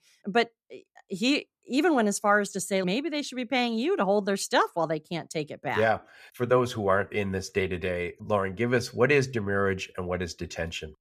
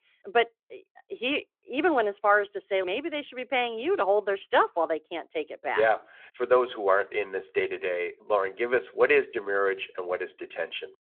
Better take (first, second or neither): first